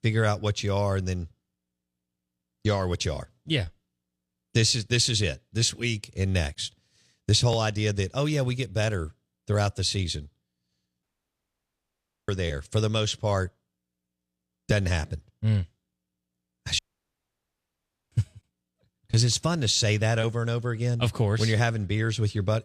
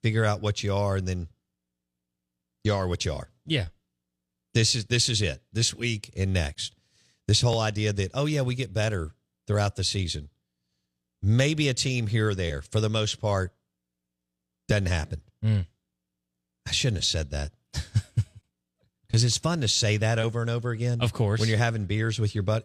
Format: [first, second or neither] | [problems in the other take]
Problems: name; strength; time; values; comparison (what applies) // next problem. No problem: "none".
second | audio cutting out; at 11 s for 1.5 s and at 17 s for 1.5 s